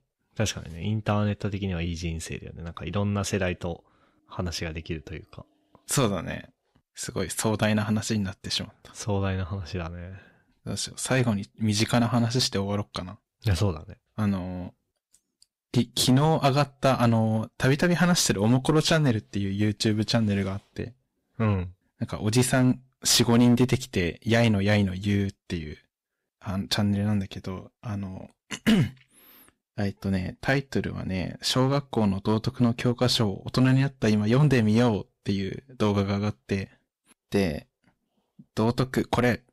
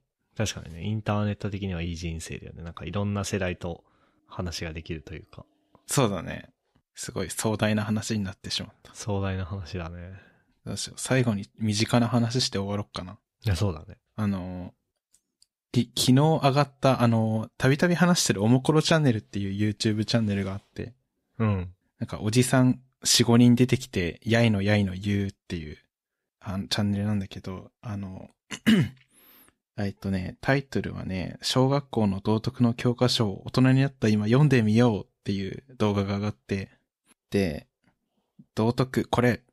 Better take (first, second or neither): second